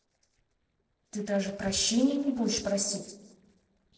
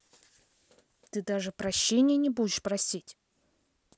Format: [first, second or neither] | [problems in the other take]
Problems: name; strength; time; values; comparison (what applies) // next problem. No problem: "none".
second | noise reduction (neural separator model SepFormer DNS4)